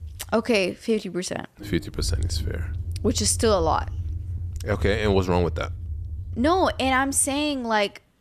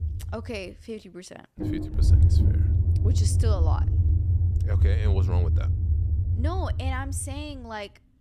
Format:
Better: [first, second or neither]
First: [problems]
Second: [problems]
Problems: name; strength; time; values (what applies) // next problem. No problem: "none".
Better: first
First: low rumble; faint; throughout; 25 dB below the speech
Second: low rumble; loud; throughout; 2 dB below the speech